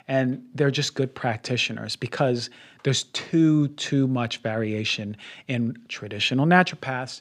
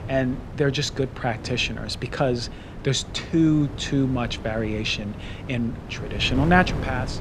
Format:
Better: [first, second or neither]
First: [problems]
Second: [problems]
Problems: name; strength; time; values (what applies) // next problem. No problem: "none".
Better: first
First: none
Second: wind noise on the microphone; occasional gusts; 15 dB below the speech